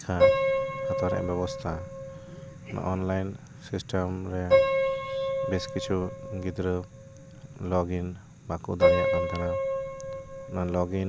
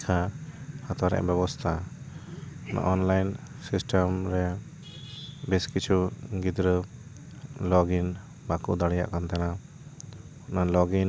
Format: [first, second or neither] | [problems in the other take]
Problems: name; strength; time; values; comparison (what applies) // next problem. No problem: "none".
second | background sound (Piano); 2 dB above the speech